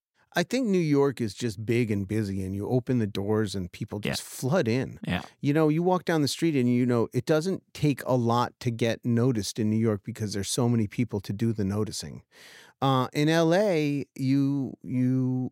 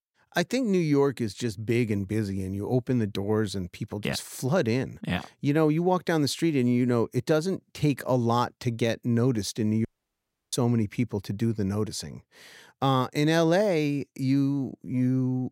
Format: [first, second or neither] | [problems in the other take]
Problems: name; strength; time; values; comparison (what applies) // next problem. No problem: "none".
first | audio cutting out; at 10 s for 0.5 s